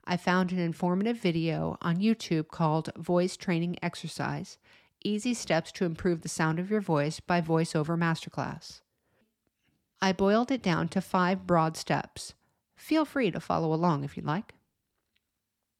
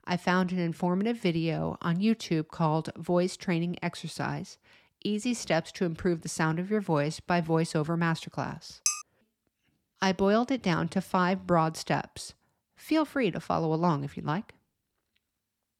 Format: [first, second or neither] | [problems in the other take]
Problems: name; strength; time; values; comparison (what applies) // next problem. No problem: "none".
first | clattering dishes; noticeable; at 9 s; peak level with the speech